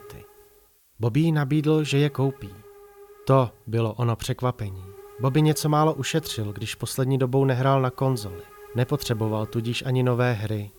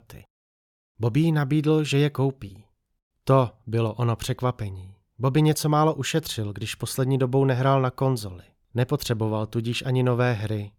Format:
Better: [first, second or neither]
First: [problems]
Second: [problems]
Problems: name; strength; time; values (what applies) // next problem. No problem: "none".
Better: second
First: hiss; faint; throughout; 25 dB below the speech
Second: none